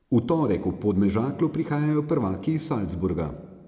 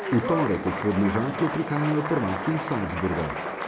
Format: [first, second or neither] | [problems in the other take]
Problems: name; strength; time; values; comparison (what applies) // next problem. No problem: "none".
first | background sound (Applause); 5 dB below the speech